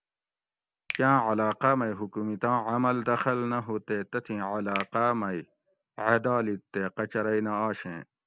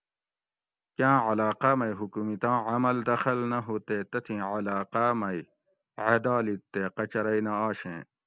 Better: second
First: background sound (Finger snapping); 18 dB below the speech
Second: none

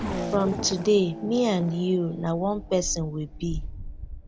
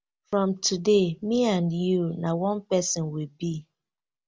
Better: second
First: background sound (Race car, auto racing / Accelerating, revving, vroom); 8 dB below the speech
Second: none

